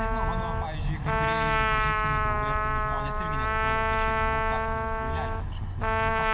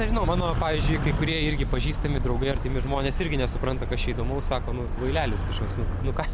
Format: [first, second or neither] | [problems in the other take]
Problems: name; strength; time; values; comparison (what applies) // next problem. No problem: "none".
second | background sound (Trumpet); 2 dB above the speech // room echo; dies away in 1.6 s